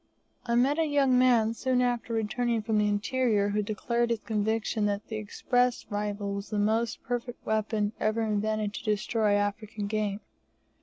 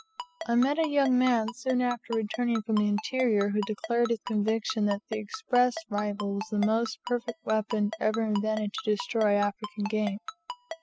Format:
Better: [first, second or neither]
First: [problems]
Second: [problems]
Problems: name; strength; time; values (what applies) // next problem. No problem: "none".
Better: first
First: none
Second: noise reduction (classical method spectral subtraction)